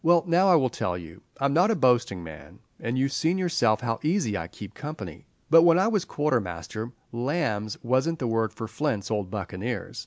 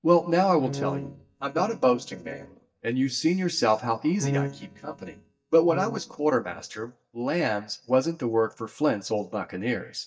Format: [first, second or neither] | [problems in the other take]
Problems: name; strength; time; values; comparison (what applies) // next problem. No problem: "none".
first | noise reduction (neural mask model DeepFilterNet 3)